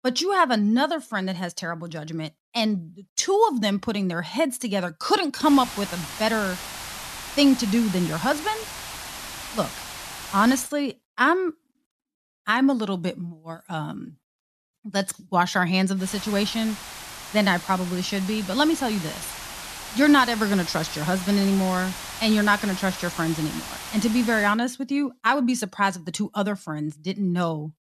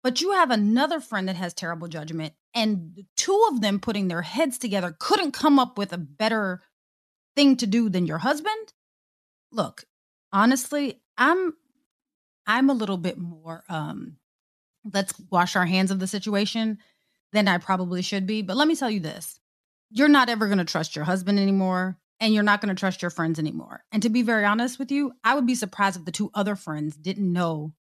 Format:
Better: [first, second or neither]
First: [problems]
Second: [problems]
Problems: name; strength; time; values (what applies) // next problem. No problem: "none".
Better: second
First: hiss; noticeable; from 5.5 to 11 s and from 16 to 25 s; 10 dB below the speech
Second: none